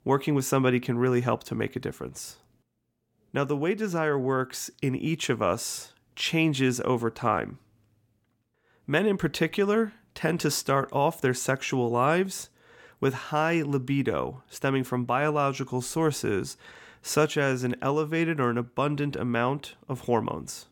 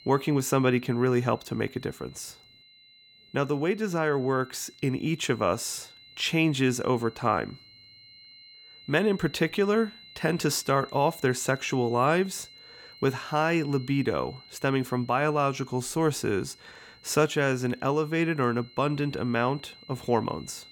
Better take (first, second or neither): first